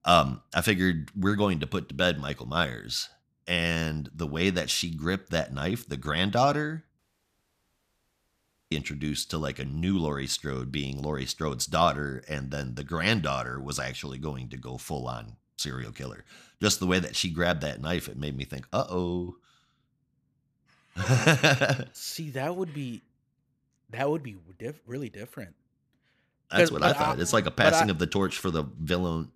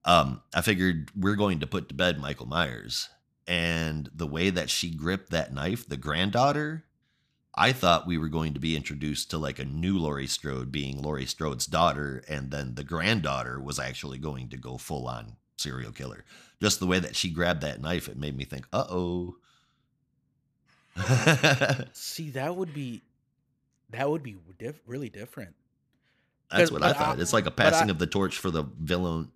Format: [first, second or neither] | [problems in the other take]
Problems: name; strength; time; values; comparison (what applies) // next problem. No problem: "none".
second | audio cutting out; at 7 s for 1.5 s